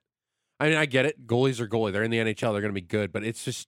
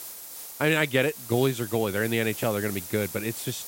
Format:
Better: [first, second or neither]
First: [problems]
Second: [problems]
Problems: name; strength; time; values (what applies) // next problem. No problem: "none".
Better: first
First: none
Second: hiss; noticeable; throughout; 10 dB below the speech